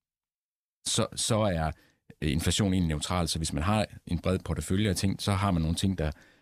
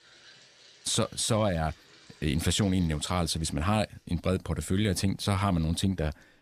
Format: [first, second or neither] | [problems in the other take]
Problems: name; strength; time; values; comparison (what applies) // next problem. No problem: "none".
first | household noises; faint; throughout; 25 dB below the speech